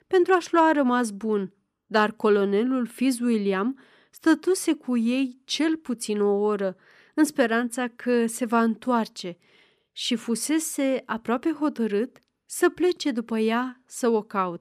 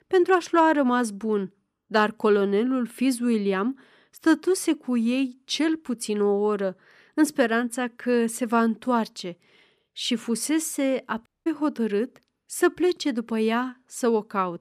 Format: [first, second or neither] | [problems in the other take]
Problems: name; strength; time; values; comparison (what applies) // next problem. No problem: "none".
first | audio cutting out; at 11 s